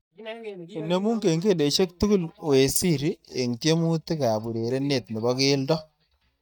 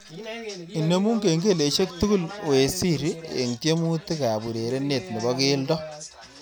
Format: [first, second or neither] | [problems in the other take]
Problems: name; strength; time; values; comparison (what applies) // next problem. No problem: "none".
second | noise reduction (neural mask model DeepFilterNet 3)